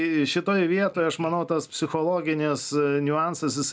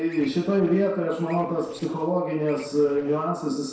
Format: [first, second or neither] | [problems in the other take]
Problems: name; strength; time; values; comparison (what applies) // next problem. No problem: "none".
first | noise reduction (neural separator model SepFormer DNS4)